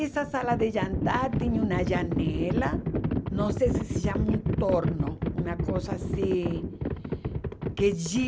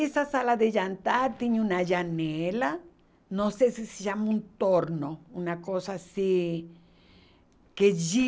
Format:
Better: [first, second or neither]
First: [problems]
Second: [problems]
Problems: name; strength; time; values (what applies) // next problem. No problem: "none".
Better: second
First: background sound (Livestock, farm animals, working animals); 1 dB above the speech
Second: none